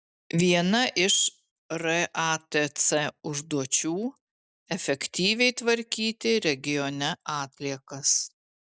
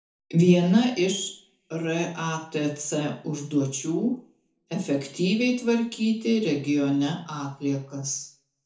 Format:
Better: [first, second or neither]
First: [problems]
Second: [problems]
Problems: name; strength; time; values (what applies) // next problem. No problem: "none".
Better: first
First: none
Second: room echo; dies away in 0.6 s